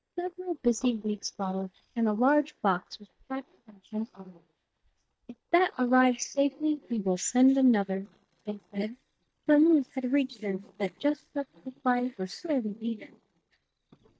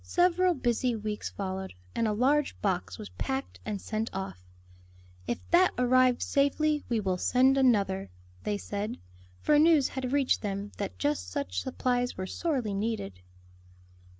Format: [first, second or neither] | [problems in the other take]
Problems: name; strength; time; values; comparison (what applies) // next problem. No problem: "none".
second | noise reduction (neural mask model DeepFilterNet 3)